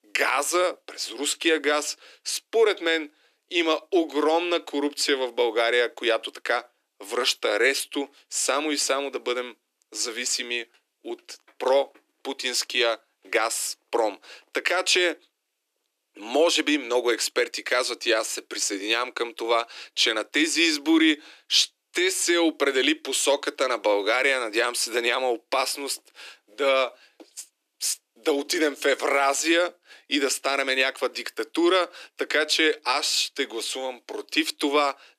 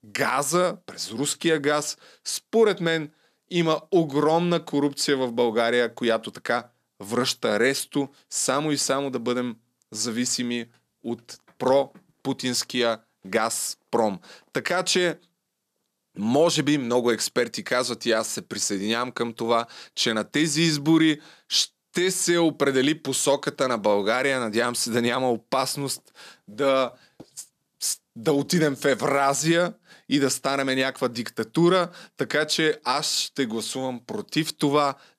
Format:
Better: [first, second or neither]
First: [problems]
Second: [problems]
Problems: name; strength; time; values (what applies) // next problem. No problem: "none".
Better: second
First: thin; somewhat; fading below 300 Hz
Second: none